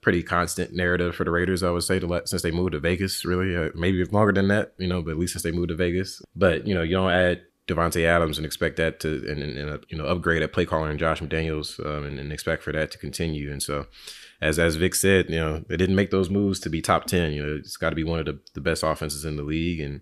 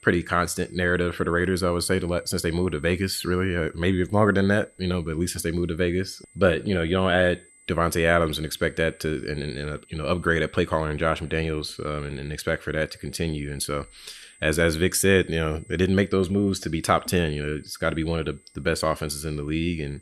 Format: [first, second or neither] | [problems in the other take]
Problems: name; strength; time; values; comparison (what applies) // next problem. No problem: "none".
first | high-pitched whine; faint; throughout; 8 kHz, 30 dB below the speech